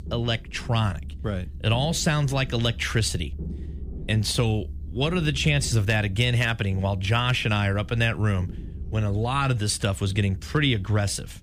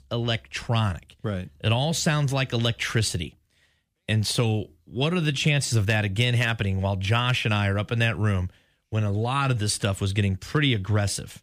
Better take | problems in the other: second | low rumble; faint; throughout; 25 dB below the speech

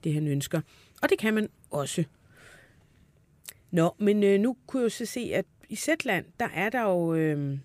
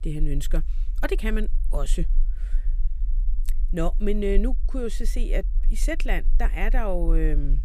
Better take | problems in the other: first | low rumble; faint; throughout; 25 dB below the speech

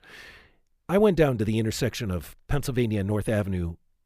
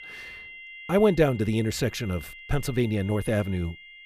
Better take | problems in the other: first | high-pitched whine; noticeable; throughout; 2 kHz, 15 dB below the speech

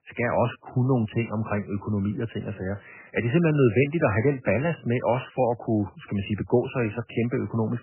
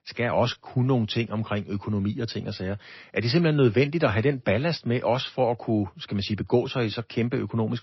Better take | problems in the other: second | garbled, watery; badly; nothing above 3 kHz; slightly in the second

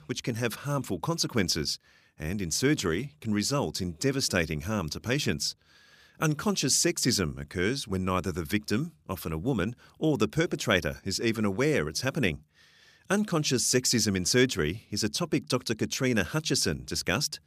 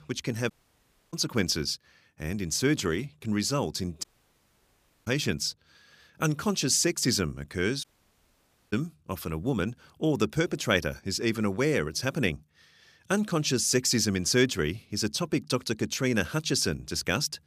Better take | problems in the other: first | audio cutting out; at 0.5 s for 0.5 s, at 4 s for 1 s and at 8 s for 1 s

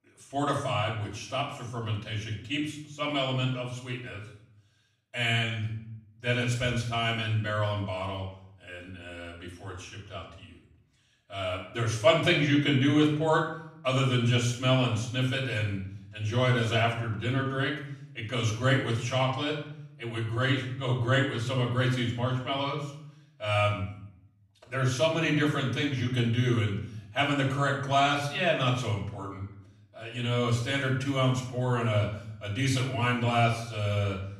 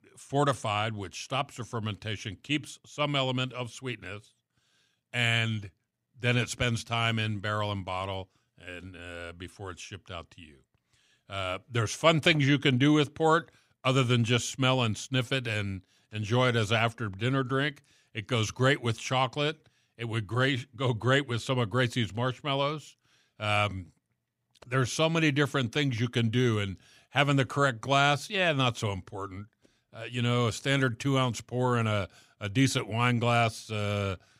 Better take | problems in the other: second | off-mic speech; far // room echo; noticeable; dies away in 0.6 s

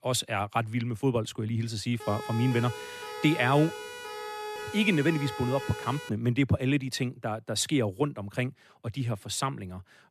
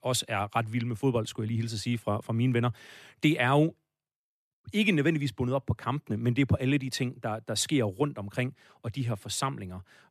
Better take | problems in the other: second | siren; noticeable; from 2 to 6 s; peak 8 dB below the speech

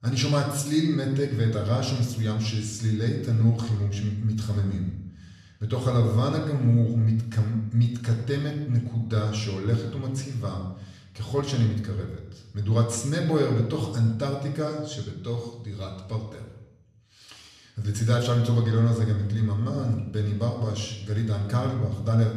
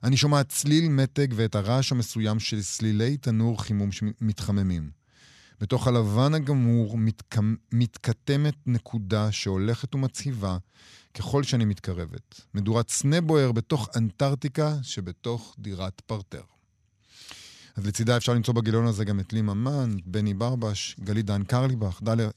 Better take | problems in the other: second | off-mic speech; somewhat distant // room echo; slight; dies away in 0.7 s

